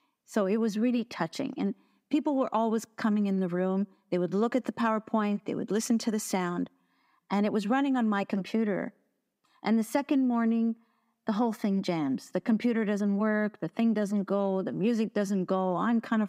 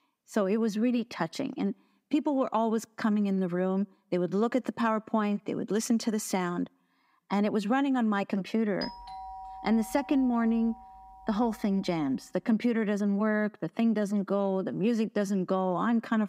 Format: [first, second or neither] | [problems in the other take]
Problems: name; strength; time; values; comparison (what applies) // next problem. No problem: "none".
first | doorbell; faint; from 9 to 12 s; peak 10 dB below the speech